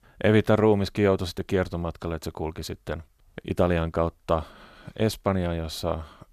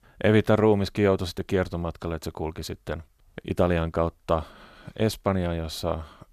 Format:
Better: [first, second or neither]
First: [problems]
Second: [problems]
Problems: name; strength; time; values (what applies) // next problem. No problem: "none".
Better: neither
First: none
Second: none